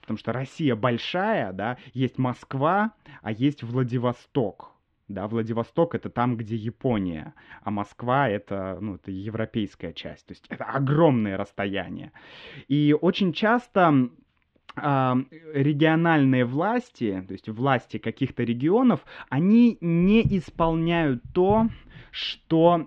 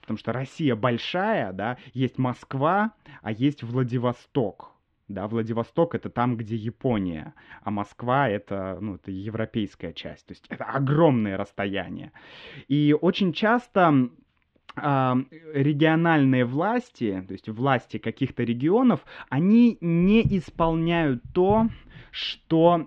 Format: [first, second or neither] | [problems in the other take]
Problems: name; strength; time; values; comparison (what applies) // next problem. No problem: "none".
neither | muffled; very; fading above 3.5 kHz; the same in both